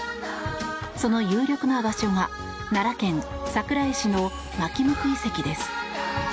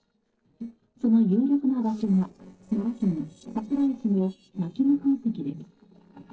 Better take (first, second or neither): first